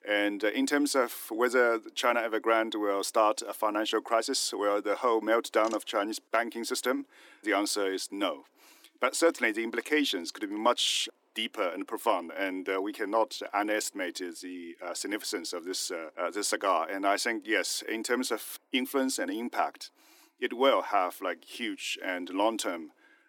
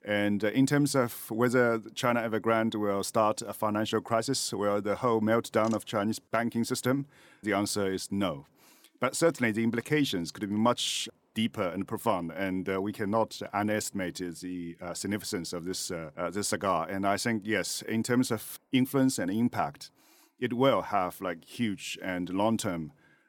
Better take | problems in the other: second | thin; somewhat; fading below 300 Hz

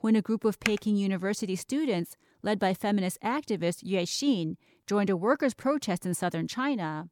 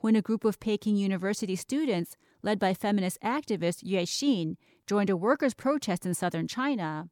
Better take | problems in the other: second | keyboard typing; very faint; at 0.5 s; peak 4 dB below the speech

